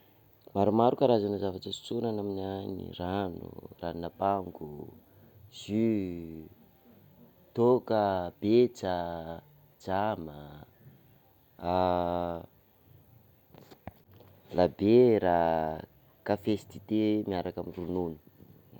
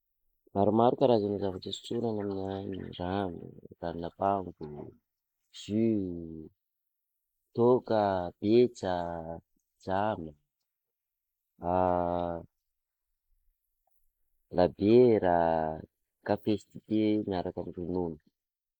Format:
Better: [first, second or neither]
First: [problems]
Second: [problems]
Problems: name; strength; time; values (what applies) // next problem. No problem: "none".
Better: first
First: none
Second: noise reduction (neural mask model Resemble Enhance denoiser)